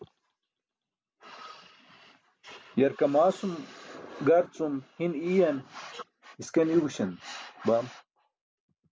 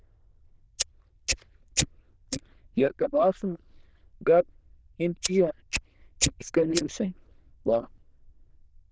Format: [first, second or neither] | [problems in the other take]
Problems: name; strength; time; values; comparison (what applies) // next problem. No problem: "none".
first | noise reduction (neural diffusion model UNIVERSE++)